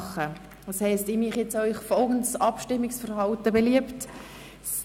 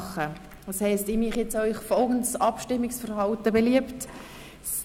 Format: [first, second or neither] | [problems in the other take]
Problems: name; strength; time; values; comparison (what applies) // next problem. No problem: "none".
first | background sound (Hands); 18 dB below the speech